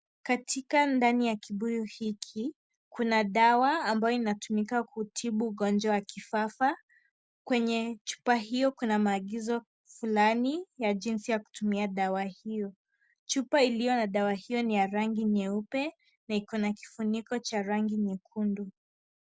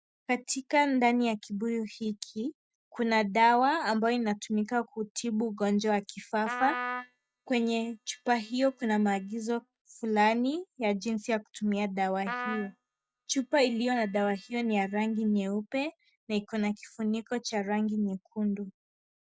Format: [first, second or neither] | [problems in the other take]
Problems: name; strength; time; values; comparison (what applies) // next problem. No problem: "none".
first | noise reduction (neural mask model DeepFilterNet 3)